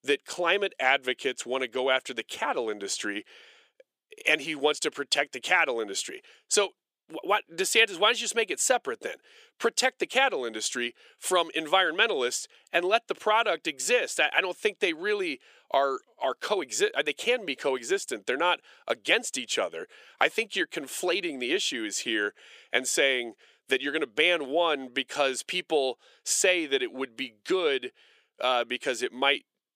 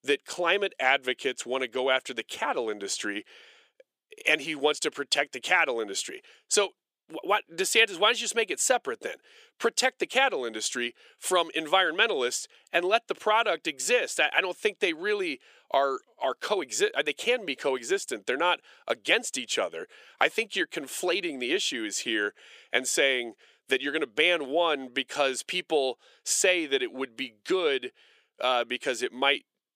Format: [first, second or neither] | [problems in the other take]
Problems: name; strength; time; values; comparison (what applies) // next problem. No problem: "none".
neither | thin; somewhat; fading below 400 Hz; the same in both